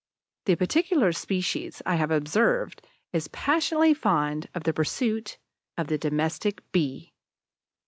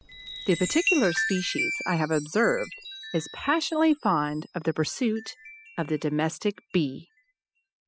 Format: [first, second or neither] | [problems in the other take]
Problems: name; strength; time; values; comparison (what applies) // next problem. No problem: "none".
first | noise reduction (classical method spectral subtraction)